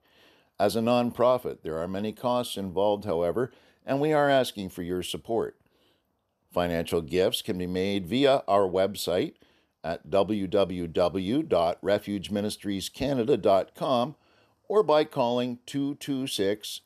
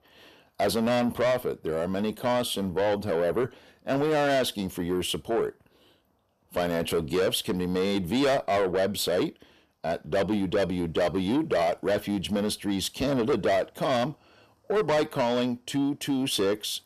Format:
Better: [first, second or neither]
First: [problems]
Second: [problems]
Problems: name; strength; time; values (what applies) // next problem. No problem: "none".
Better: first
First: none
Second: distortion; heavy; 7 dB below the speech